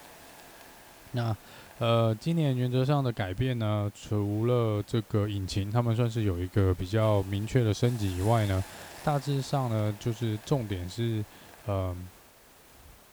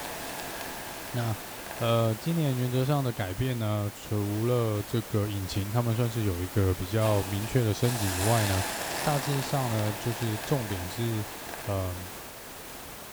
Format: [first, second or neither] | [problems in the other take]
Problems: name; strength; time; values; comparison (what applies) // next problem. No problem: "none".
first | hiss; loud; throughout; 6 dB below the speech; faint in the first